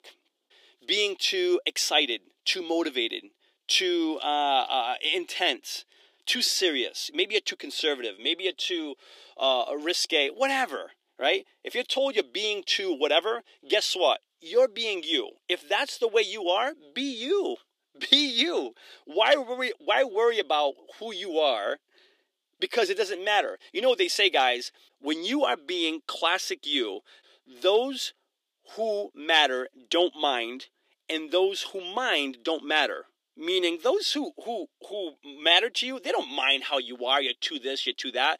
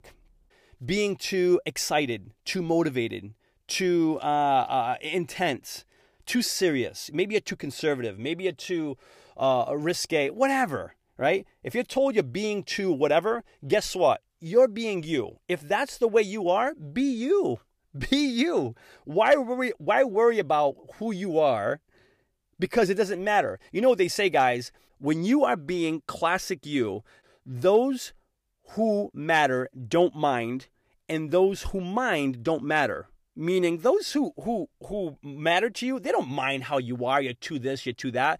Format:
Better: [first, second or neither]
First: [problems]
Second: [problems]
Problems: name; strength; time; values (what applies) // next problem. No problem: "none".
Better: second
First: thin; very slightly; fading below 300 Hz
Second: none